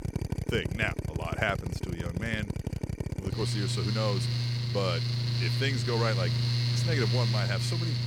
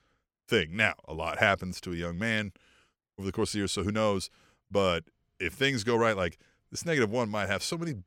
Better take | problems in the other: second | machinery noise; very loud; throughout; 3 dB above the speech

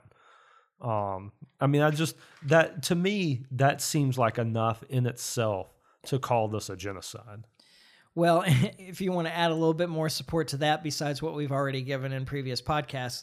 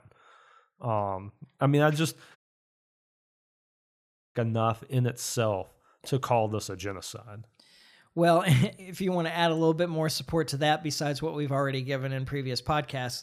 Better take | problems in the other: first | audio cutting out; at 2.5 s for 2 s

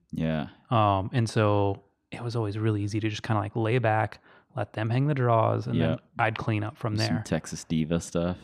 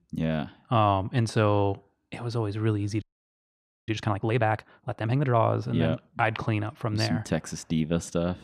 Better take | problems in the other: first | audio freezing; at 3 s for 1 s

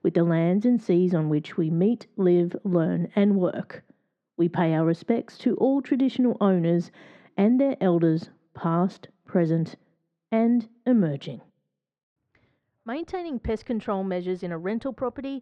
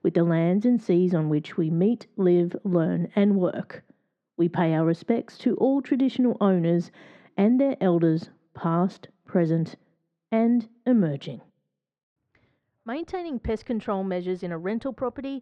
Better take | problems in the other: neither | muffled; very; fading above 1.5 kHz; the same in both

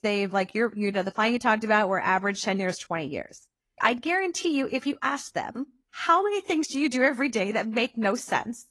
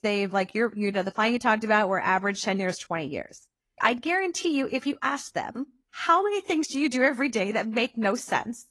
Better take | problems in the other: neither | garbled, watery; slightly; nothing above 11 kHz; the same in both

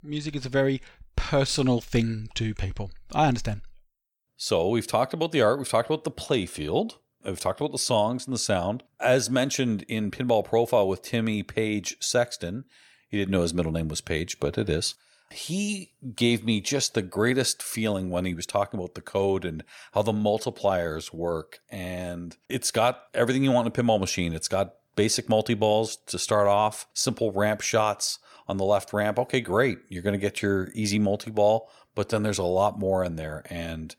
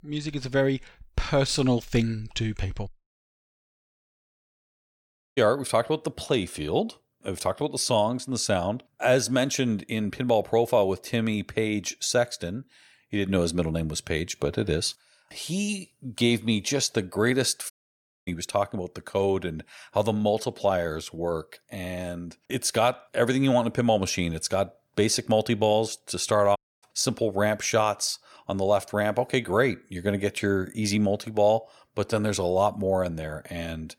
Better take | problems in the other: first | audio cutting out; at 3 s for 2.5 s, at 18 s for 0.5 s and at 27 s

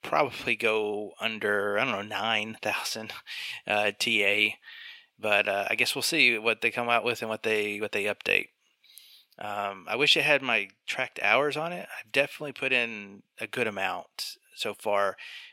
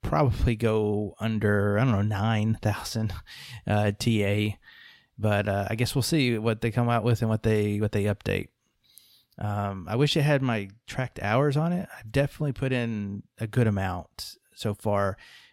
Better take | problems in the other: second | thin; very; fading below 450 Hz

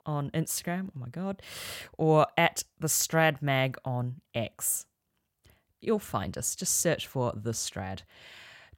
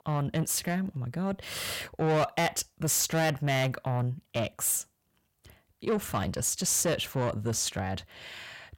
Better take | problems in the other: first | distortion; heavy; 7 dB below the speech

